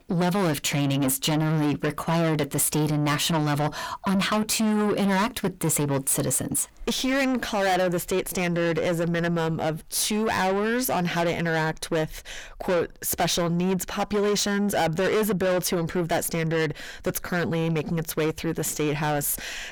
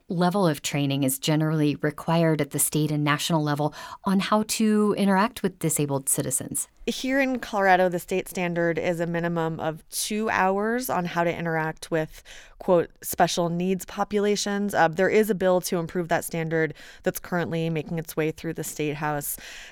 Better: second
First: distortion; heavy; 6 dB below the speech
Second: none

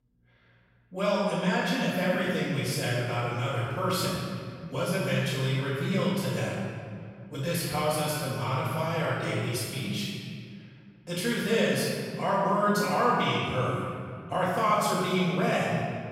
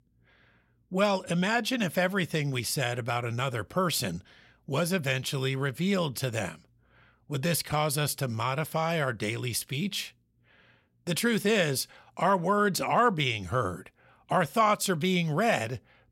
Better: second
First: off-mic speech; far // room echo; strong; dies away in 1.9 s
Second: none

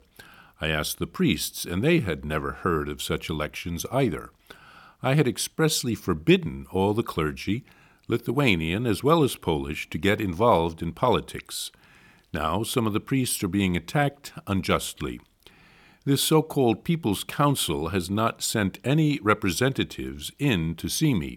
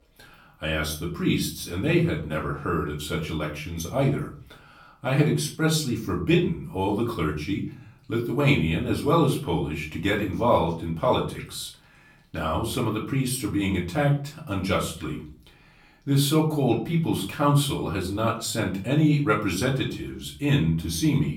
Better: first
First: none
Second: off-mic speech; far // room echo; slight; dies away in 0.4 s

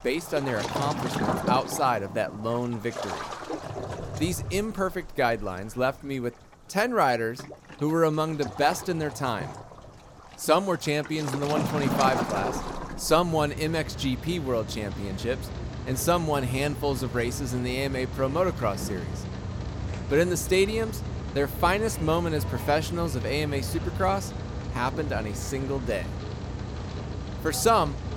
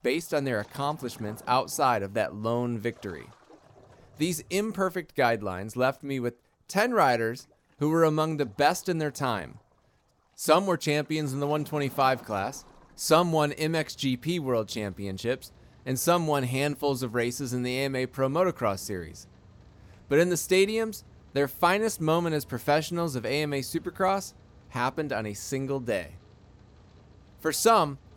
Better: second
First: rain or running water; loud; throughout; 7 dB below the speech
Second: rain or running water; faint; throughout; 25 dB below the speech

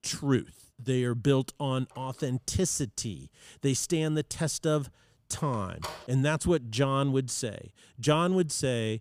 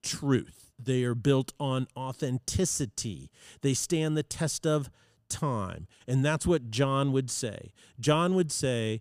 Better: second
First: phone ringing; faint; from 2 to 6 s; peak 10 dB below the speech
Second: none

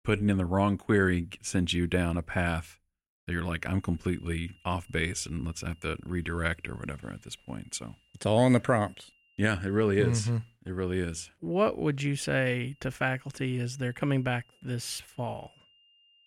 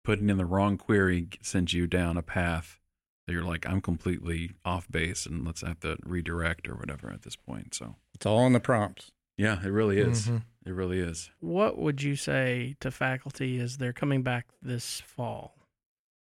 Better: second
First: high-pitched whine; faint; from 3.5 to 11 s and from 12 s on; 3 kHz, 35 dB below the speech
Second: none

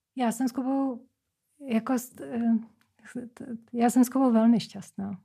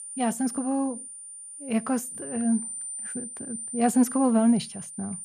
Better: first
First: none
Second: high-pitched whine; loud; throughout; 9 kHz, 9 dB below the speech

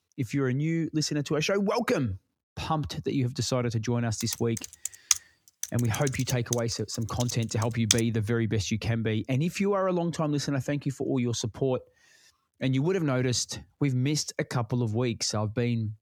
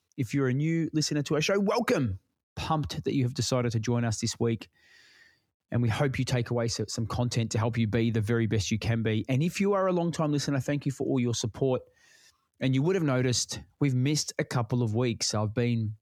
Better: second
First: keyboard typing; loud; from 4 to 8 s; peak 3 dB above the speech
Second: none

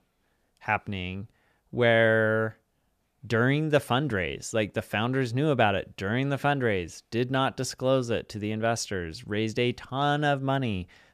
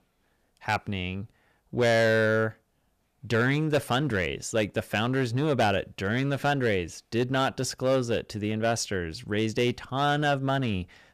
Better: first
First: none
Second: distortion; slight; 6% of the sound clipped

